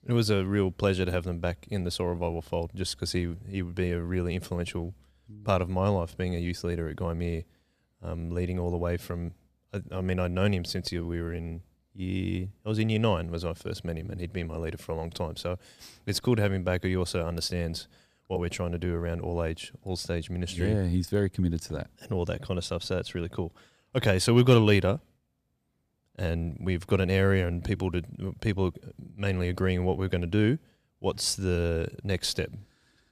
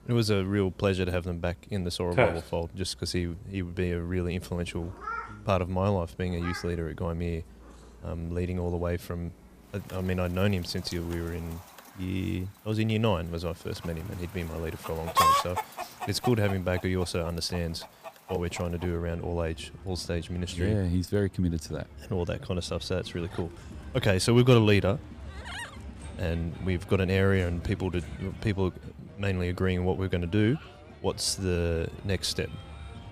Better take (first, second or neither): first